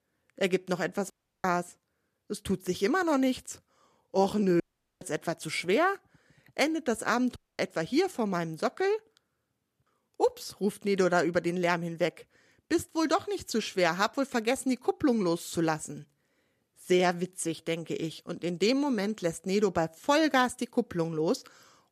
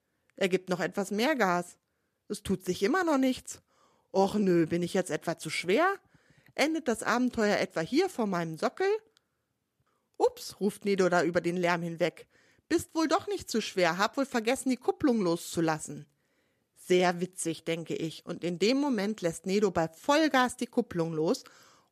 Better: second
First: audio cutting out; at 1 s, at 4.5 s and at 7.5 s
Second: none

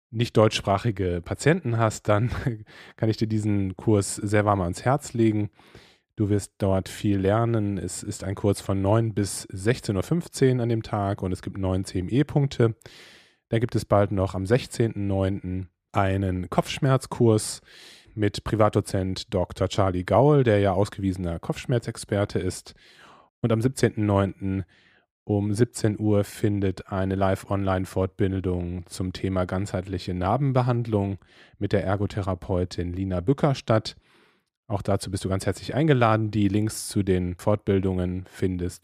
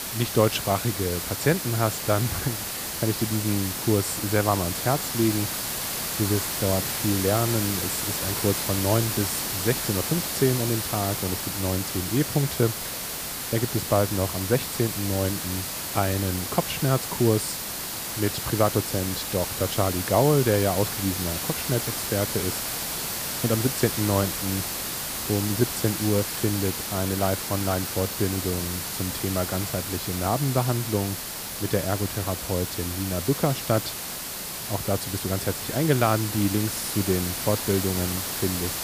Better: first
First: none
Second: hiss; loud; throughout; 2 dB below the speech

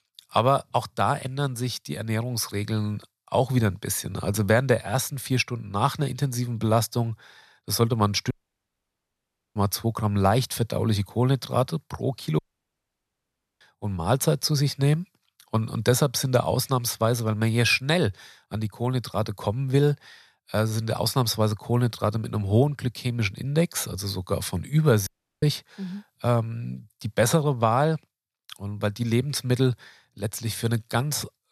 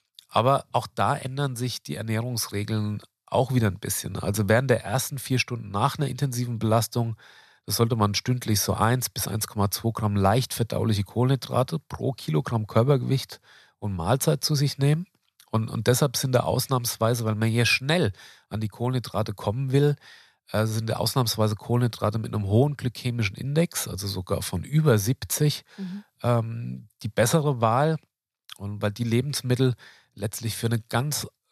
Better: second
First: audio cutting out; at 8.5 s for 1 s, at 12 s for 1 s and at 25 s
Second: none

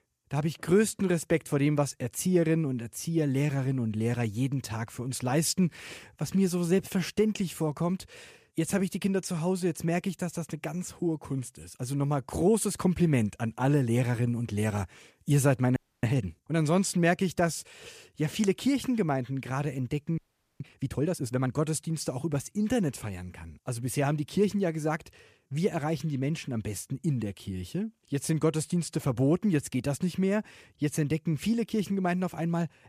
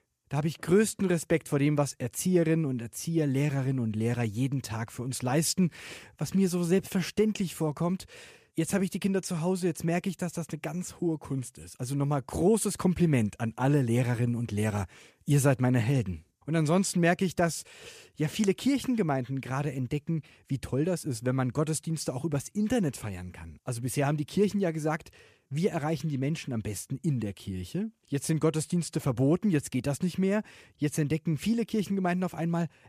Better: second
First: audio freezing; at 16 s and at 20 s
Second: none

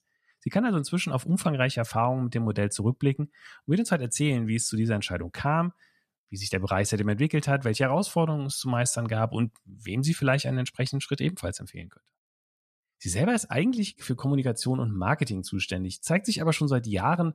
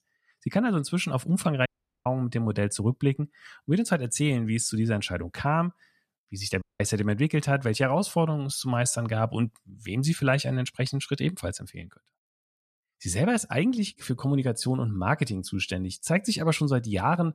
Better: first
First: none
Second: audio cutting out; at 1.5 s and at 6.5 s

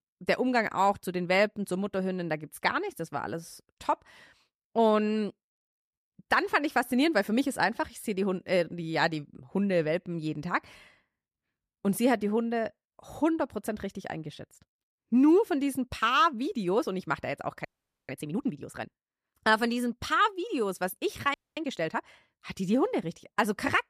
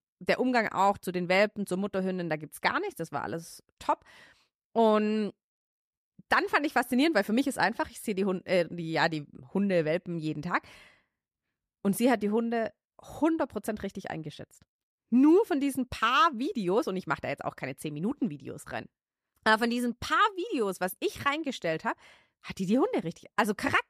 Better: second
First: audio freezing; at 18 s and at 21 s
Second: none

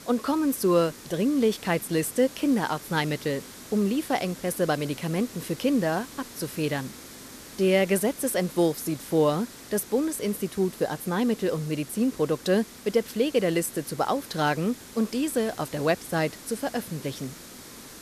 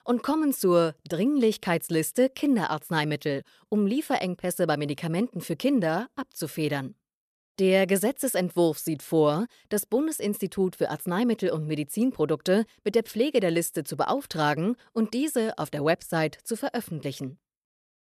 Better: second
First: hiss; noticeable; throughout; 15 dB below the speech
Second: none

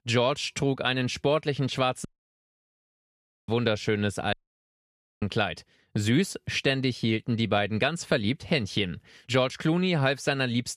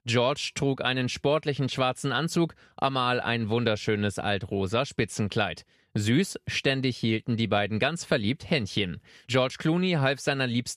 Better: second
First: audio cutting out; at 2 s for 1.5 s and at 4.5 s for 1 s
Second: none

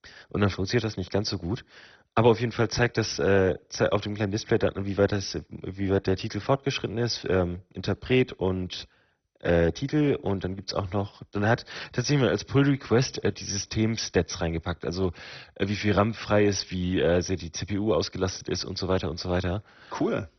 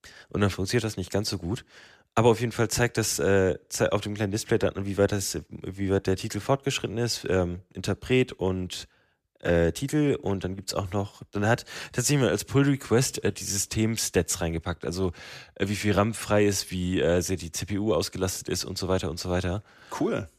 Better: second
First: garbled, watery; badly; nothing above 6 kHz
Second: none

